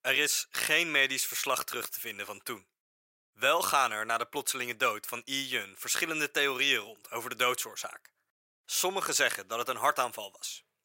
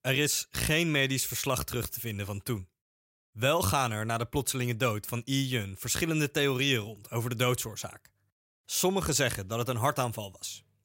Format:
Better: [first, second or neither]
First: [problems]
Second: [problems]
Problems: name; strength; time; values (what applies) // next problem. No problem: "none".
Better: second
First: thin; very; fading below 450 Hz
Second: none